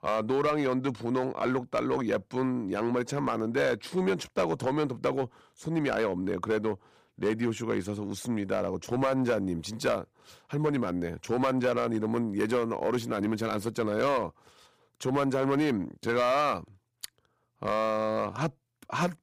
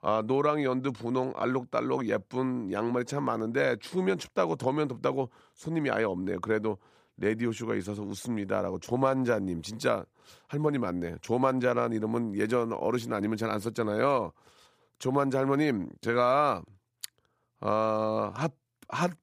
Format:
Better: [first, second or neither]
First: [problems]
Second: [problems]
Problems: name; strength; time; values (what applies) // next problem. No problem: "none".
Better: second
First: distortion; slight; 5% of the sound clipped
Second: none